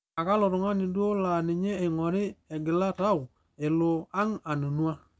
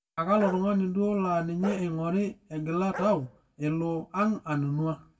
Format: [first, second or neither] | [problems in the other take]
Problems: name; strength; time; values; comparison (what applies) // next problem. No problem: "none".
first | background sound (Bark); 15 dB below the speech // room echo; dies away in 0.1 s